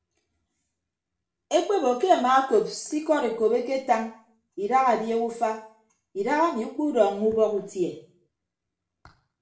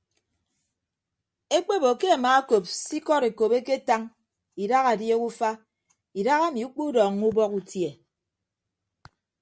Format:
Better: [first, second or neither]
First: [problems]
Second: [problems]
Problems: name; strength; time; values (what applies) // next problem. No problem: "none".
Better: second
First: room echo; dies away in 0.4 s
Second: none